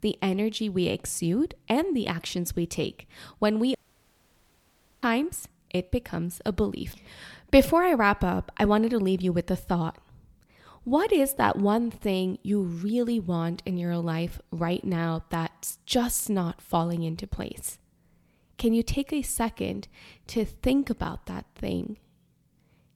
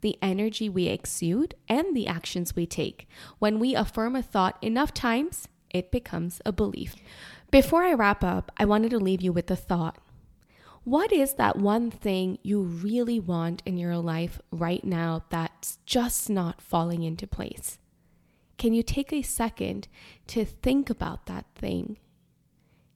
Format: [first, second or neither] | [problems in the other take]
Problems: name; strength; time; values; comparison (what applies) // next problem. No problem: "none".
second | audio cutting out; at 4 s for 1.5 s